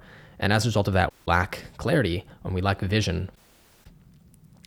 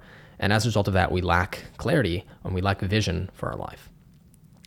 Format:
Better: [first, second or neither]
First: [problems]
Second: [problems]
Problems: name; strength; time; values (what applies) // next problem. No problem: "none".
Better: second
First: audio cutting out; at 1 s and at 3.5 s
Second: none